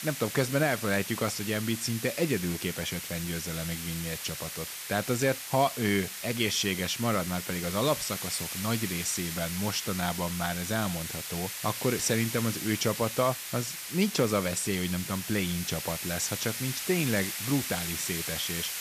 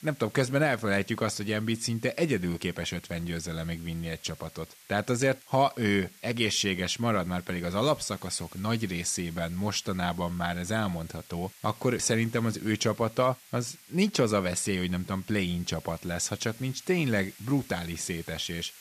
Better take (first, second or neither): second